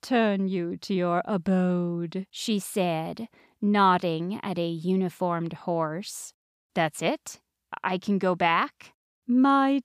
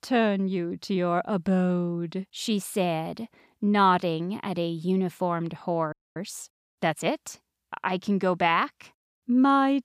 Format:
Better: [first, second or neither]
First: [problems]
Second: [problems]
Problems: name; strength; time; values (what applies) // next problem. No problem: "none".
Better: first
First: none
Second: audio freezing; at 6 s